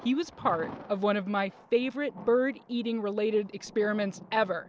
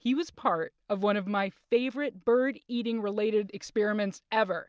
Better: second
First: background sound (Thunder); 19 dB below the speech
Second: none

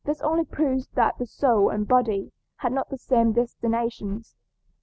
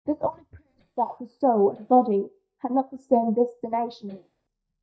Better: first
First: none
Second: noise reduction (neural mask model DeepFilterNet 3)

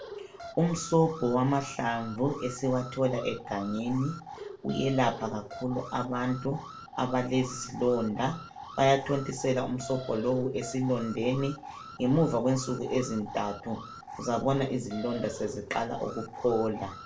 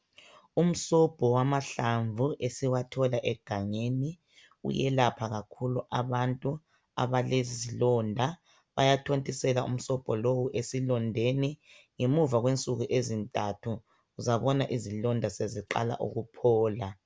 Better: second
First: background sound (Alarm); 14 dB below the speech // room echo; dies away in 0.3 s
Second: none

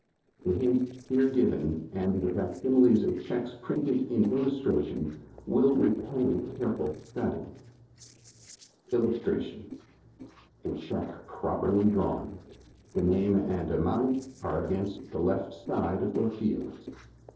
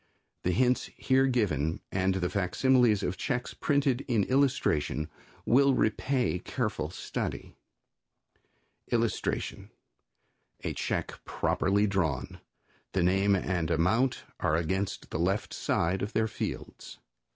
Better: second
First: noise reduction (neural separator model SepFormer DNS4)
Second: none

